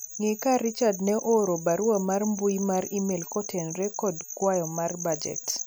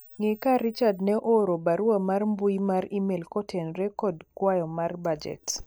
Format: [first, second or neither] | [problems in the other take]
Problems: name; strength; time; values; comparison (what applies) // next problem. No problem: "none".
first | noise reduction (neural mask model DeepFilterNet 3)